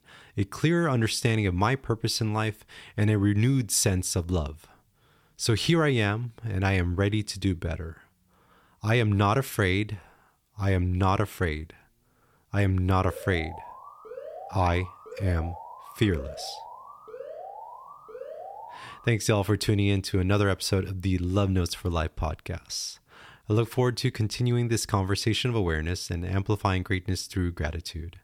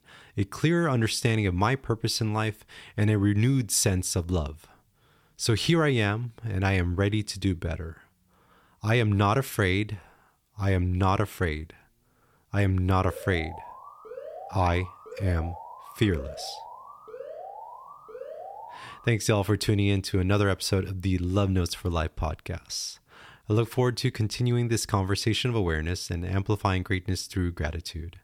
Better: neither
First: alarm; faint; from 13 to 19 s; peak 15 dB below the speech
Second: alarm; faint; from 13 to 19 s; peak 15 dB below the speech

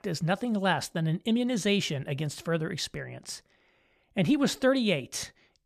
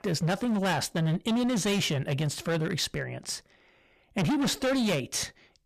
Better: first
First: none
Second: distortion; heavy; 19% of the sound clipped

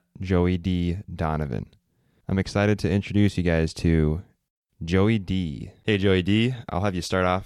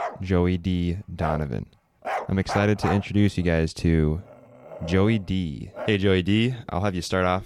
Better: first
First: none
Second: animal sounds; loud; throughout; 10 dB below the speech

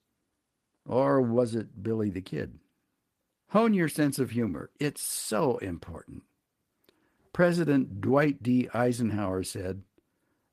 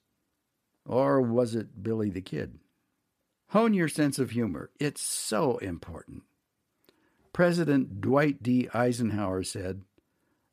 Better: second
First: garbled, watery; slightly; nothing above 12 kHz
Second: none

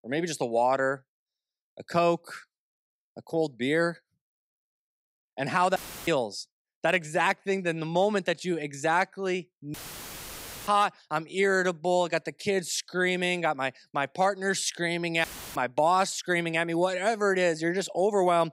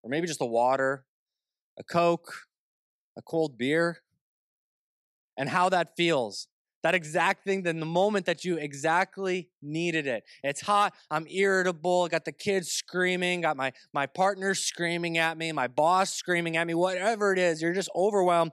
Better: second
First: audio cutting out; filled with static; at 6 s, at 9.5 s for 1 s and at 15 s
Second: none

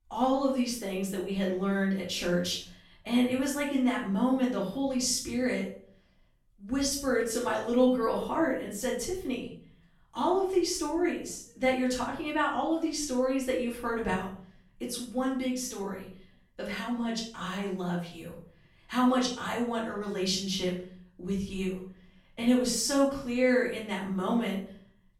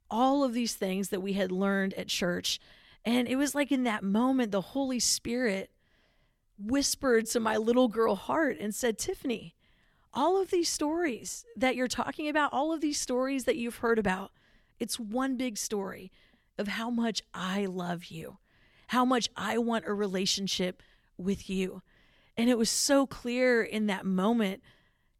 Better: second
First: room echo; noticeable; dies away in 0.5 s // off-mic speech; far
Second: none

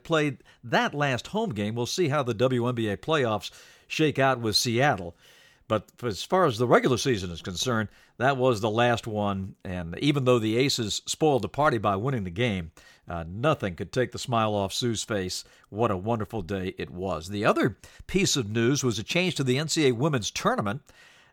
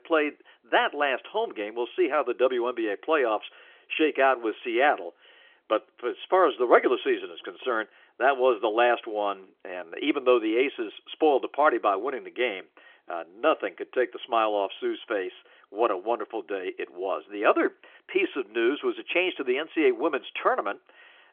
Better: first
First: none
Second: phone-call audio; nothing above 3.5 kHz

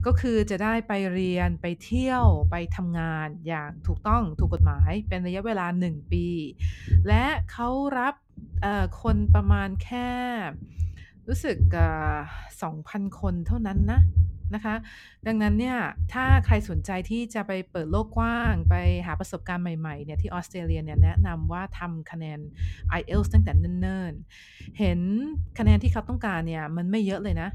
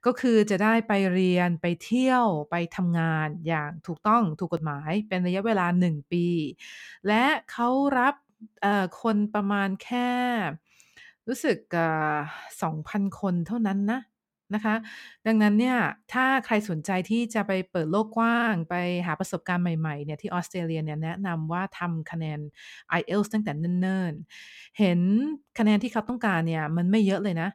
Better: second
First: low rumble; noticeable; throughout; 15 dB below the speech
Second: none

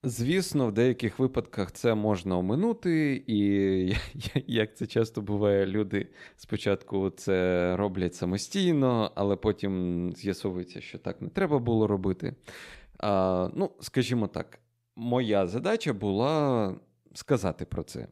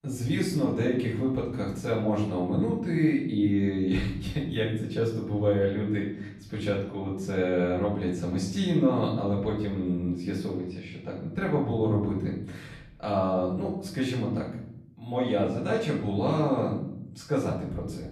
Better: first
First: none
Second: room echo; noticeable; dies away in 0.9 s // off-mic speech; far

